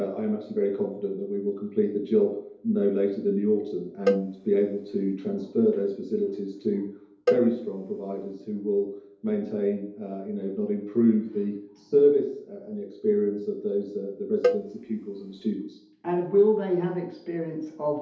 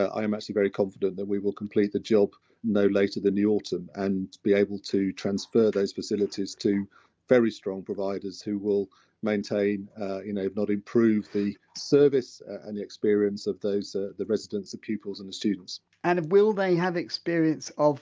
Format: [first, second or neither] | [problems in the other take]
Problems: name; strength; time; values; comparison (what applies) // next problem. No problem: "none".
second | background sound (Cowbell); 5 dB below the speech // room echo; dies away in 2.2 s